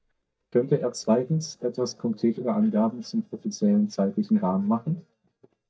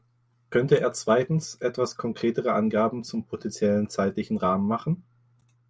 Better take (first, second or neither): second